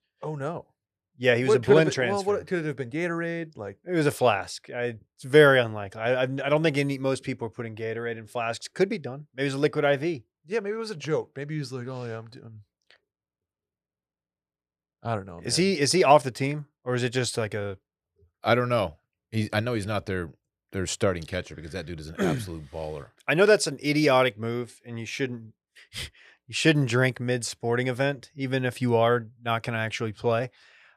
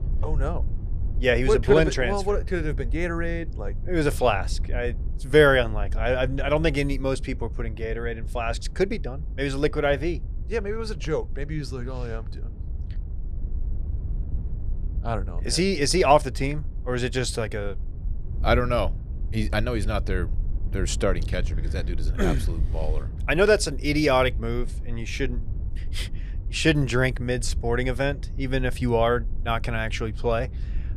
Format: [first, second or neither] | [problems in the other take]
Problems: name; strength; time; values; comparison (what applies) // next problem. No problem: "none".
first | wind noise on the microphone; occasional gusts; 25 dB below the speech